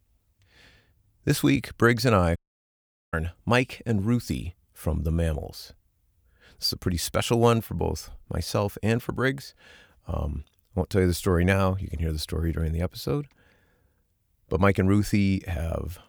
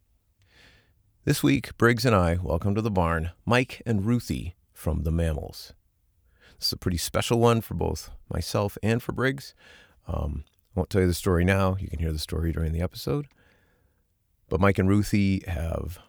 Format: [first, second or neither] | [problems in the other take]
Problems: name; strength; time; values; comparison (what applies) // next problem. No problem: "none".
second | audio cutting out; at 2.5 s for 1 s